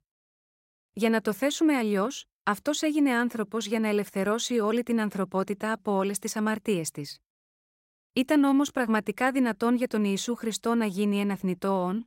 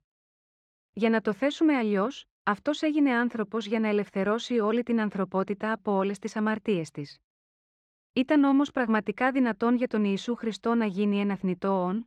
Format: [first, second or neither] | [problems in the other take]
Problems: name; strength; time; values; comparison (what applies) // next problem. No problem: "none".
first | muffled; slightly; fading above 3.5 kHz